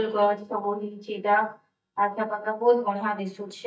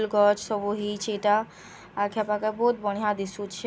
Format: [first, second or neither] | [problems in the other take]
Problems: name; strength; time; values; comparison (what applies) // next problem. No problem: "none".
second | noise reduction (neural mask model DeepFilterNet 3)